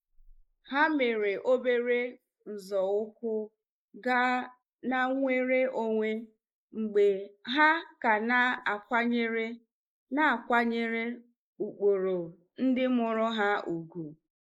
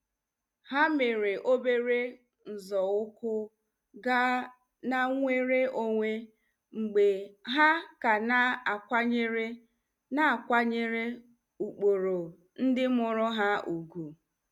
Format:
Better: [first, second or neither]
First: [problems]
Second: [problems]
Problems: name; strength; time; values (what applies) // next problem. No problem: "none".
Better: second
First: noise reduction (neural mask model Resemble Enhance denoiser)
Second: none